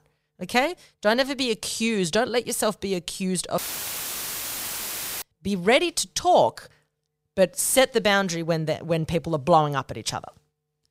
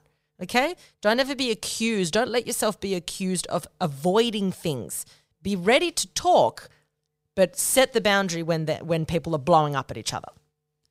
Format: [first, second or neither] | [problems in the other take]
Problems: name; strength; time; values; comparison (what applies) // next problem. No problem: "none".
second | audio cutting out; filled with static; at 3.5 s for 1.5 s